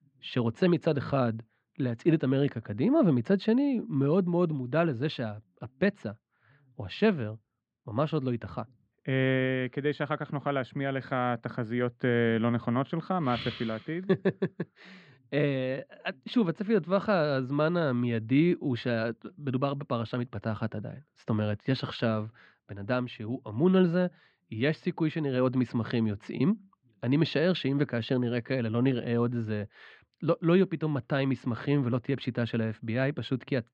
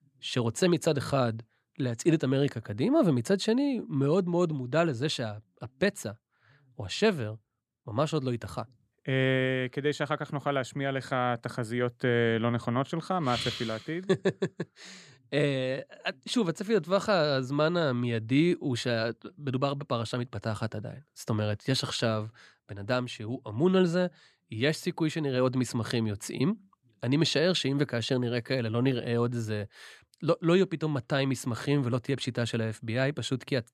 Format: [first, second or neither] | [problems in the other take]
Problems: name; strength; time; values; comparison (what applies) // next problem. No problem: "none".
second | muffled; slightly; fading above 3 kHz